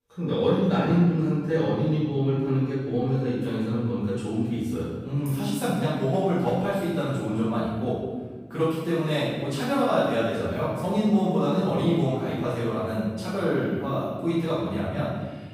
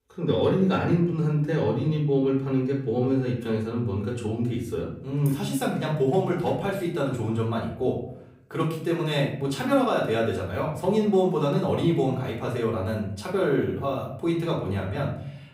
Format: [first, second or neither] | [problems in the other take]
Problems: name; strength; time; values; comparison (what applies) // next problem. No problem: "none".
second | room echo; strong; dies away in 1.3 s; slight in the second // off-mic speech; far; far in the second